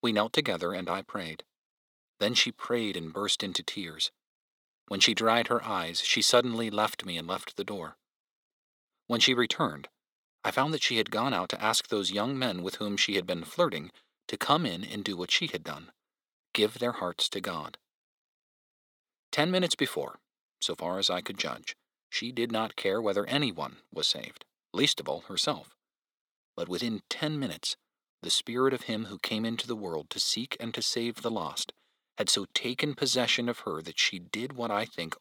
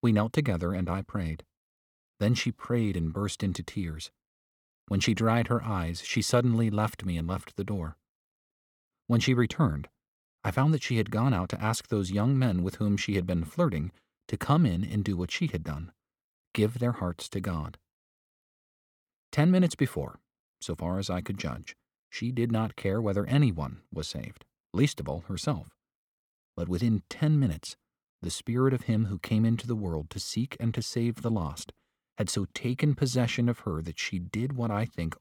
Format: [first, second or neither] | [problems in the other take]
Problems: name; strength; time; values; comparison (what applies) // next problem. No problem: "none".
second | thin; somewhat; fading below 400 Hz